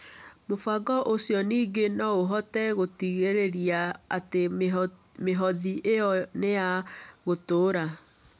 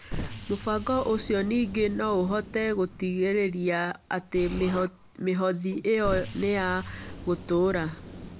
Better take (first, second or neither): first